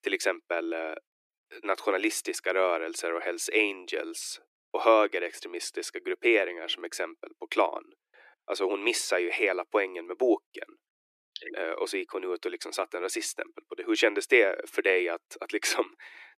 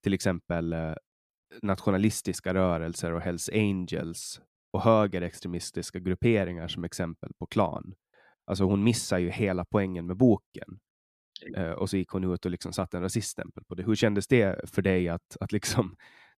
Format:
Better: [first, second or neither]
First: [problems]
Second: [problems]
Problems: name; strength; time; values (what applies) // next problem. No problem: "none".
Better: second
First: thin; very; fading below 300 Hz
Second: none